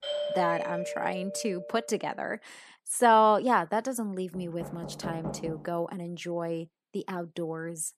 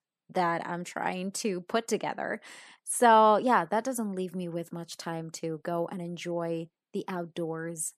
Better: second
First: doorbell; noticeable; until 2 s; peak 2 dB below the speech // door banging; noticeable; from 4.5 to 5.5 s; peak 8 dB below the speech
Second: none

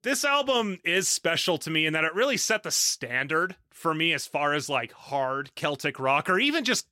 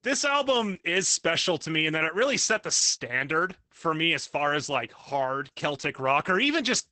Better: first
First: none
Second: garbled, watery; badly; nothing above 8 kHz

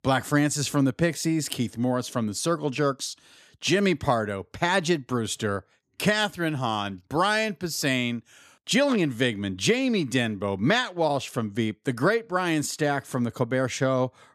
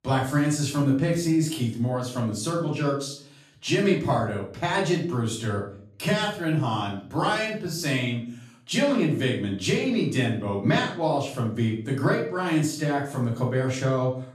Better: first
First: none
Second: off-mic speech; far // room echo; noticeable; dies away in 0.5 s

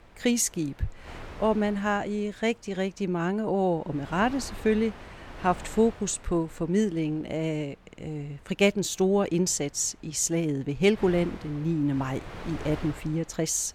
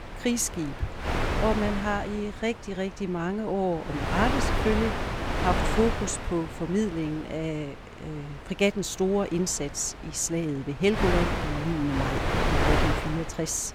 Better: first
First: wind noise on the microphone; occasional gusts; 15 dB below the speech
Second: wind noise on the microphone; heavy; as loud as the speech

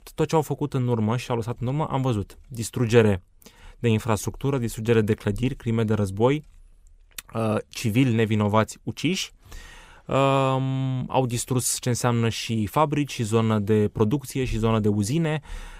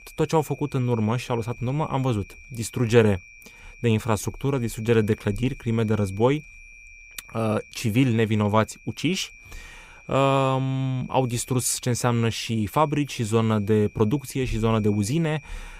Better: first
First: none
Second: high-pitched whine; faint; throughout; 2.5 kHz, 20 dB below the speech

